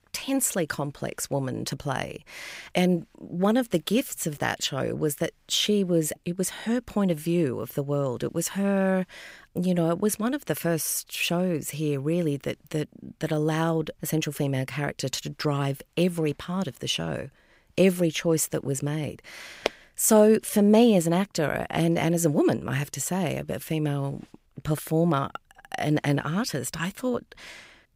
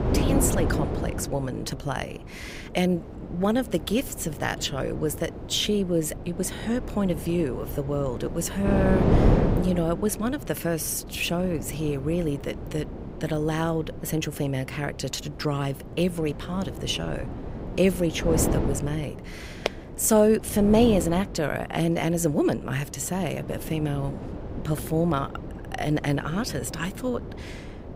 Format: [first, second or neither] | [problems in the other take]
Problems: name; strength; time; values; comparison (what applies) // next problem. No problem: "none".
first | wind noise on the microphone; heavy; 8 dB below the speech